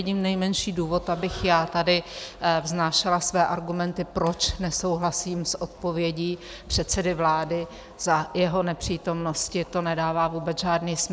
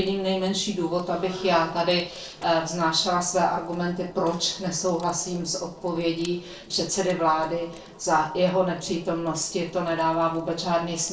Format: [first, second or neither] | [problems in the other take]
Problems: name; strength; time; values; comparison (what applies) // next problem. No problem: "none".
first | noise reduction (neural separator model SepFormer DNS4)